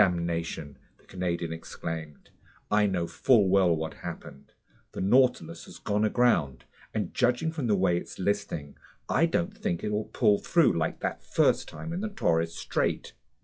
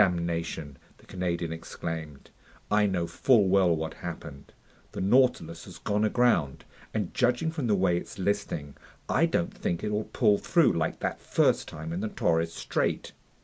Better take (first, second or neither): second